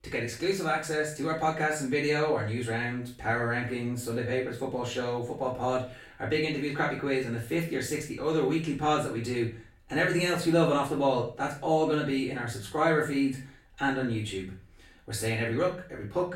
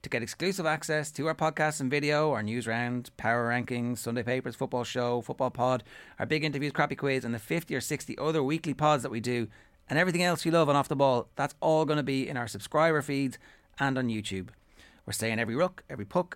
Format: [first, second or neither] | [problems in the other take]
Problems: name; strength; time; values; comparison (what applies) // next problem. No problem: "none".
second | off-mic speech; far // room echo; slight; dies away in 0.4 s